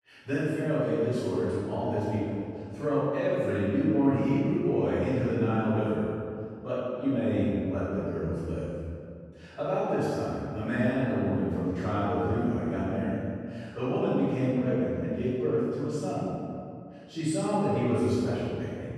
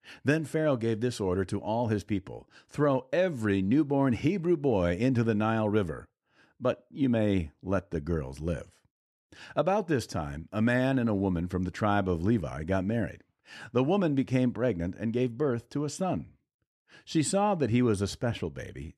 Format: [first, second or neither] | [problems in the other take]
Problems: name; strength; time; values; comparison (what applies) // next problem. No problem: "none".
second | off-mic speech; far // room echo; strong; dies away in 2 s